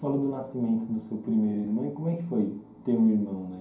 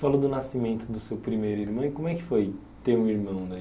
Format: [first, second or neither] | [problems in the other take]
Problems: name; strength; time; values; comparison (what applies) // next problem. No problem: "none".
second | room echo; dies away in 0.5 s